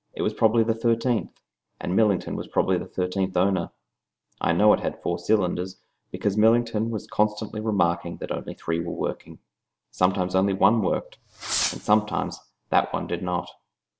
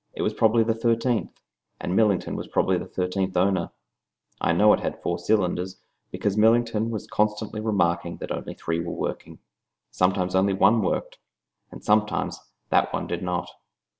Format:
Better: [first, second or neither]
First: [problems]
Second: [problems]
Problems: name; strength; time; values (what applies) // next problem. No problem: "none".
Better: second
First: background sound (Fireworks); 8 dB below the speech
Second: none